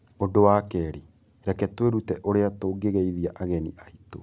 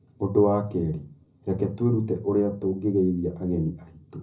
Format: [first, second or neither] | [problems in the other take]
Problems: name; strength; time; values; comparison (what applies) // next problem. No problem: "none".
first | room echo; dies away in 0.4 s